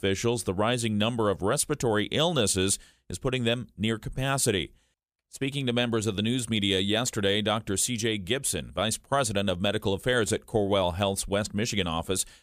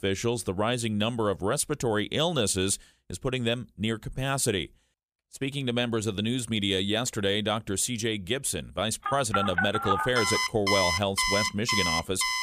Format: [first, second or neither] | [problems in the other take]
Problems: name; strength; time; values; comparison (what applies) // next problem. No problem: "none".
first | alarms or sirens; very loud; from 9 s on; 1 dB above the speech